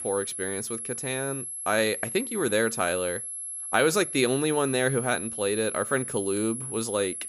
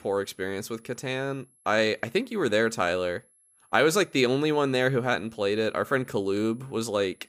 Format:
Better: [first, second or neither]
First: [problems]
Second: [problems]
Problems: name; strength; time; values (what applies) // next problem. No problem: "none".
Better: second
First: high-pitched whine; loud; throughout; 11 kHz, 5 dB below the speech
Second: high-pitched whine; faint; throughout; 11 kHz, 35 dB below the speech